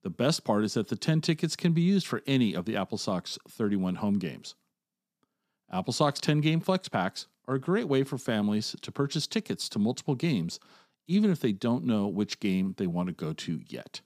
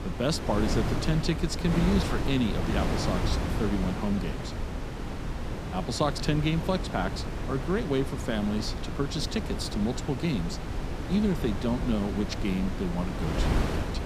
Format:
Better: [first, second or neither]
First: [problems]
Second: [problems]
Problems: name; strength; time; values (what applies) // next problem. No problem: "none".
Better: first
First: none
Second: wind noise on the microphone; heavy; 3 dB below the speech